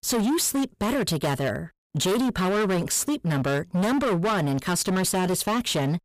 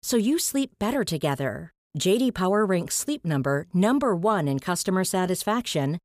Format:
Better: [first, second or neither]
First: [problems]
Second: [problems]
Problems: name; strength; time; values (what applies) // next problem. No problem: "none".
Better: second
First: distortion; heavy; 28% of the sound clipped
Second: none